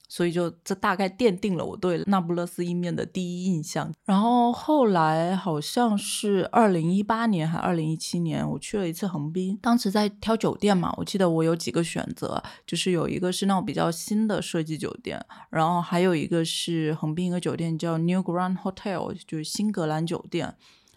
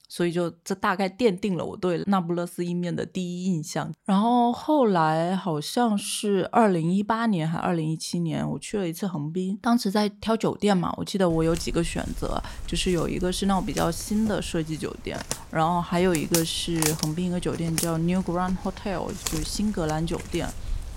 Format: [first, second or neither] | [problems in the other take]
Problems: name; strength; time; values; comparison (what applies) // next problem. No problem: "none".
first | footsteps; noticeable; from 11 s on; peak 1 dB below the speech